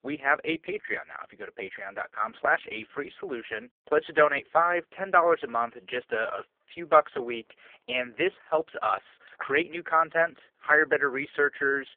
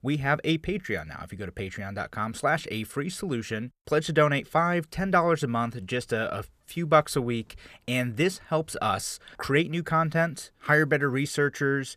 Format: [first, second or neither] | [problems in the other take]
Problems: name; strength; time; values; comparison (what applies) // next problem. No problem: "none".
second | phone-call audio; poor line